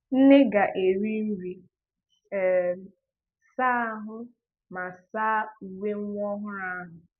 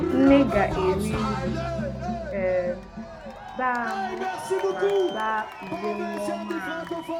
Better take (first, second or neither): first